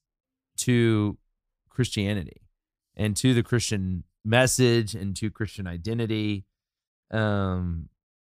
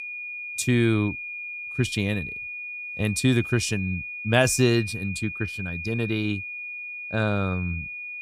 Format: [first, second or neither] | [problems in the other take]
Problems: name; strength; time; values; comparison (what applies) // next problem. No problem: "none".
first | high-pitched whine; loud; throughout; 2.5 kHz, 7 dB below the speech